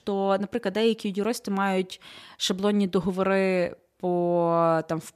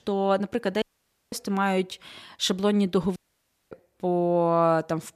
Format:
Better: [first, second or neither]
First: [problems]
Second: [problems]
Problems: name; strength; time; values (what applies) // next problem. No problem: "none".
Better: first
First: none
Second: audio cutting out; at 1 s for 0.5 s and at 3 s for 0.5 s